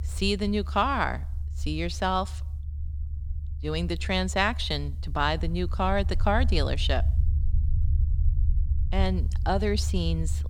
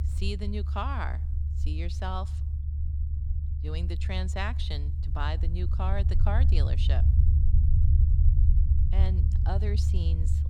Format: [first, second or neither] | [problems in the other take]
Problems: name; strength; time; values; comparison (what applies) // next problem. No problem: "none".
first | low rumble; loud; throughout; 7 dB below the speech; faint in the first